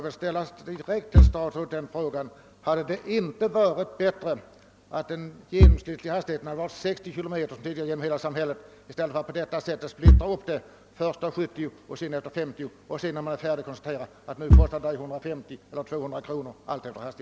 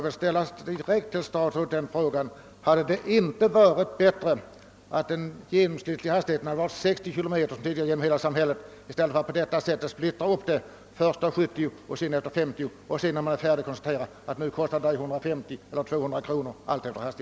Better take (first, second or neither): second